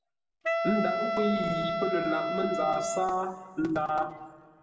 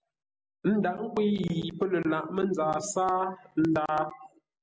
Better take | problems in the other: second | background sound (Wind instrument, woodwind instrument); as loud as the speech // room echo; dies away in 1.4 s

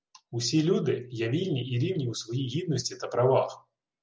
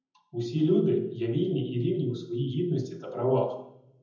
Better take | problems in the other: first | room echo; dies away in 0.8 s

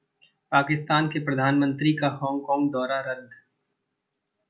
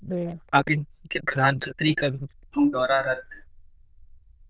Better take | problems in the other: first | noise reduction (neural diffusion model UNIVERSE++)

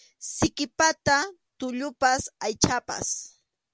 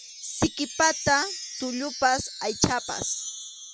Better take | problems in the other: first | background sound (Wind chime); 10 dB below the speech

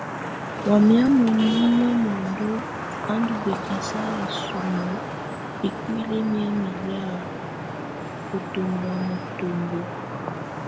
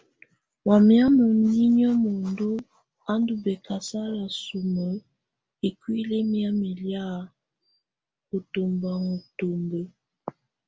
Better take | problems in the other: second | background sound (Traffic noise, roadway noise / Vehicle horn, car horn, honking); 6 dB below the speech

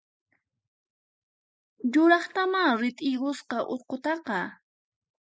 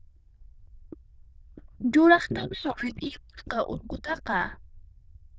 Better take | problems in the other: first | noise reduction (neural diffusion model UNIVERSE++)

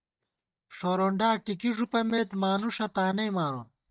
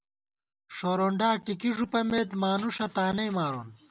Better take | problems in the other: second | noise reduction (neural mask model DeepFilterNet 3)

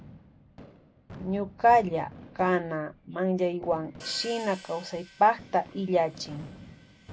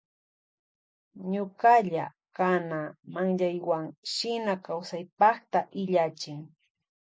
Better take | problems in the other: second | background sound (Fireworks + Hi-hat); 18 dB below the speech

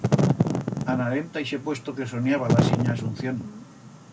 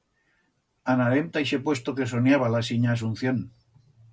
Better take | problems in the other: second | background sound (Wind / Fire); 3 dB above the speech

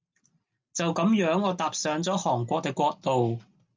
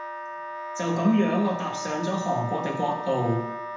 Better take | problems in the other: first | background sound (Wind instrument, woodwind instrument); 8 dB below the speech // room echo; dies away in 0.8 s

